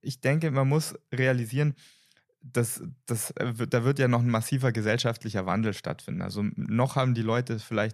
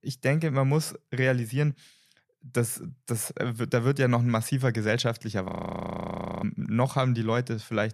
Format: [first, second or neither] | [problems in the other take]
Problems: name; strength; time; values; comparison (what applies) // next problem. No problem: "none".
first | audio freezing; at 5.5 s for 1 s